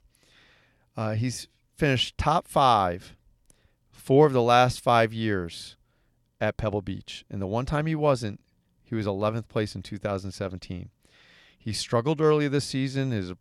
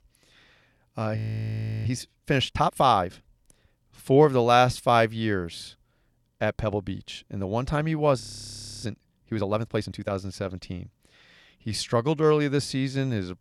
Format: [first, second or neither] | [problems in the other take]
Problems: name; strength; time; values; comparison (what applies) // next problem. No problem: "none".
first | audio freezing; at 1 s for 0.5 s and at 8 s for 0.5 s